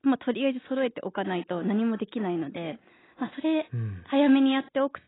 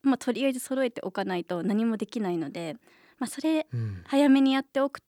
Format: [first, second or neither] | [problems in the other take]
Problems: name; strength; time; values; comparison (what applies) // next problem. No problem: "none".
second | garbled, watery; badly; nothing above 3.5 kHz